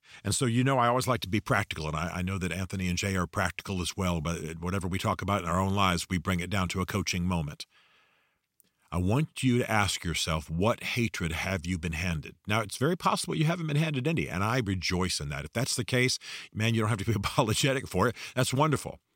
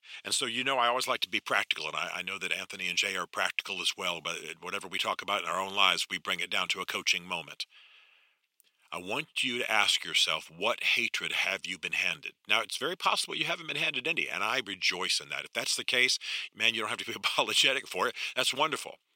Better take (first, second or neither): first